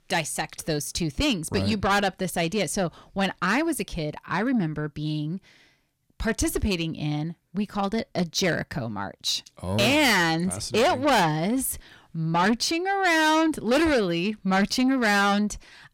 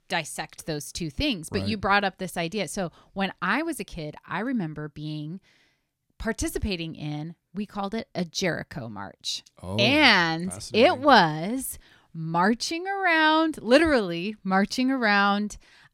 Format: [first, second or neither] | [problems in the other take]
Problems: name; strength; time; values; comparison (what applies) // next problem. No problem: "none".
second | distortion; heavy; 6 dB below the speech